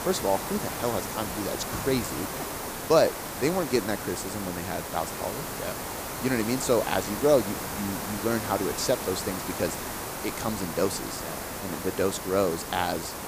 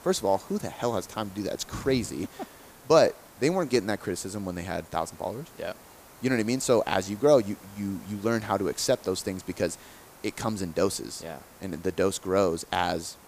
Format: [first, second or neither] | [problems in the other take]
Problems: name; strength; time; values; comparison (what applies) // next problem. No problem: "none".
second | hiss; loud; throughout; 4 dB below the speech; faint in the second